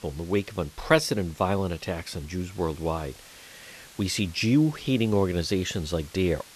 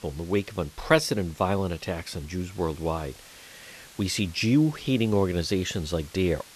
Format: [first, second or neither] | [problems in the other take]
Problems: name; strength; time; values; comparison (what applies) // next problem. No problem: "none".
neither | hiss; faint; throughout; 20 dB below the speech; the same in both